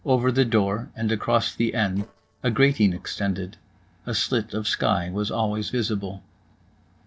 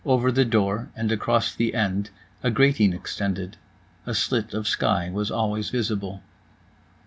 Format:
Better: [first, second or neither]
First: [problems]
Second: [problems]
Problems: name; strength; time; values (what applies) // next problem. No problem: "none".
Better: second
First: noise reduction (neural separator model SepFormer DNS4)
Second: none